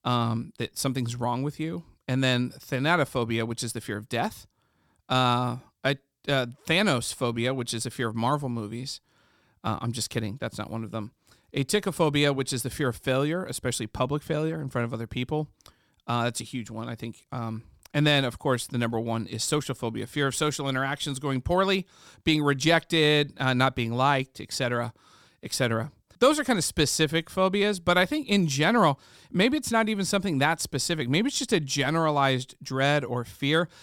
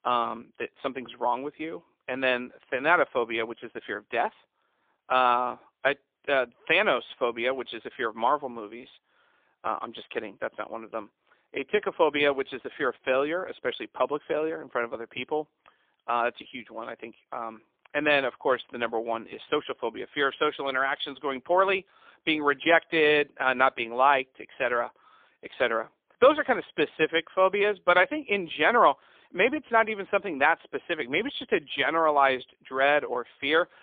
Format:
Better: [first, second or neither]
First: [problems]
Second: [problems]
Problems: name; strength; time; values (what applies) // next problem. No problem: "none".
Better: first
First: none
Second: phone-call audio; poor line